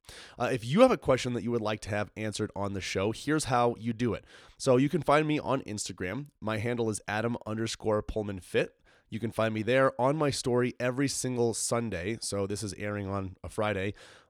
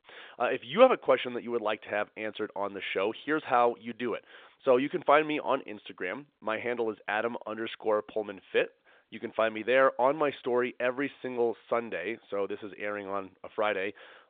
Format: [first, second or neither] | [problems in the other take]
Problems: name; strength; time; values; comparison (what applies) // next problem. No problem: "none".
first | phone-call audio